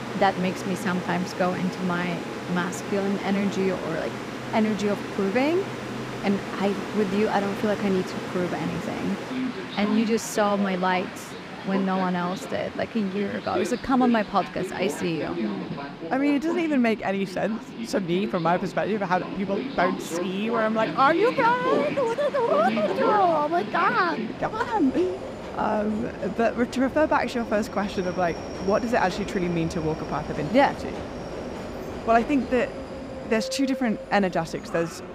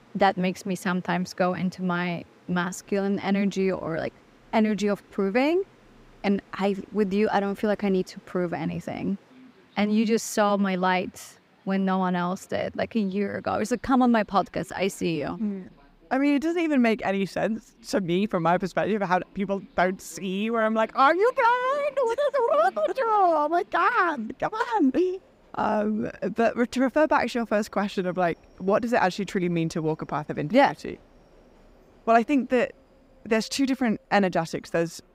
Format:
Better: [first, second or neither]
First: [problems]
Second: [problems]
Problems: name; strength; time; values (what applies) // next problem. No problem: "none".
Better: second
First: train or aircraft noise; loud; throughout; 7 dB below the speech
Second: train or aircraft noise; faint; throughout; 30 dB below the speech